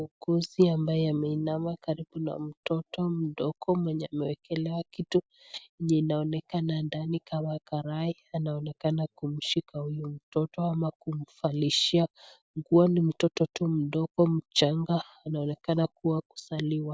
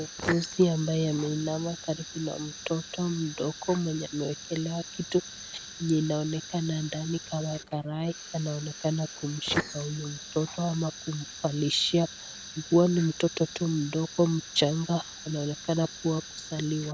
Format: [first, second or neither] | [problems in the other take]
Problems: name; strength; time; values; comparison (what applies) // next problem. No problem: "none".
first | background sound (Fire); 12 dB below the speech